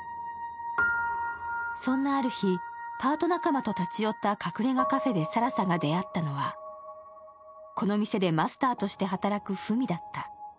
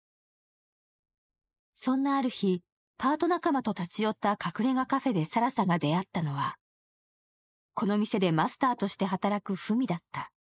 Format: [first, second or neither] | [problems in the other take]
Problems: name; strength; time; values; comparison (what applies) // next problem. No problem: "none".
first | noise reduction (neural mask model Resemble Enhance denoiser)